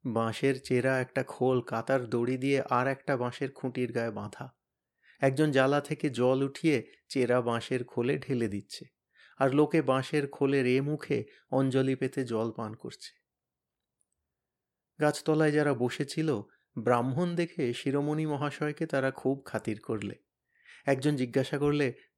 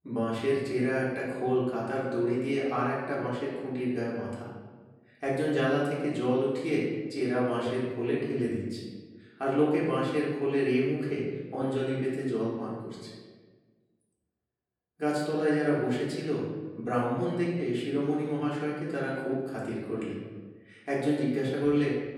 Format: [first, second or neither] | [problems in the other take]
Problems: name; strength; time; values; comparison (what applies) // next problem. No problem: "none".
first | room echo; noticeable; dies away in 1.2 s // off-mic speech; far